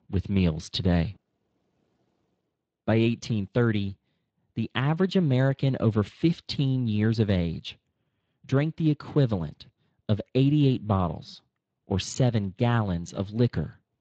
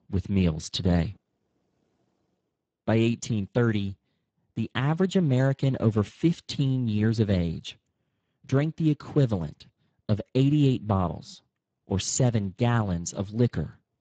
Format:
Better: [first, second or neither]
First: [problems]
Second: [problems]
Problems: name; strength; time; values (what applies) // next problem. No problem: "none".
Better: first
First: garbled, watery; slightly; nothing above 7.5 kHz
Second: garbled, watery; badly; nothing above 7.5 kHz